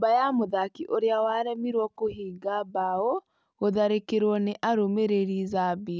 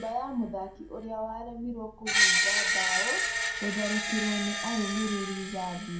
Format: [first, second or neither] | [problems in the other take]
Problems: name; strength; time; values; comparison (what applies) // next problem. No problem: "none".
first | background sound (Screech); 4 dB above the speech // room echo; dies away in 0.5 s